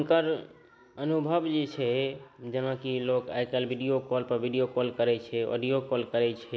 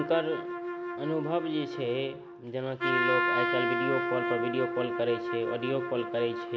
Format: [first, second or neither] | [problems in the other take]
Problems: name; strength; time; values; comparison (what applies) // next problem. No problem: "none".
first | background sound (Trumpet); as loud as the speech